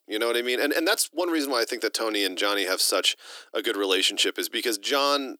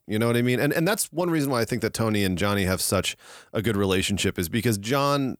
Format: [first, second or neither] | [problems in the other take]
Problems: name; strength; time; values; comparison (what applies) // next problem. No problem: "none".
second | thin; somewhat; fading below 300 Hz